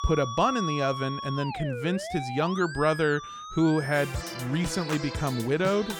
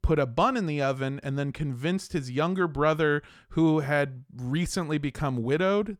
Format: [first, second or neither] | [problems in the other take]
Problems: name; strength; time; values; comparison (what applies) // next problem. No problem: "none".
second | background music; loud; throughout; 8 dB below the speech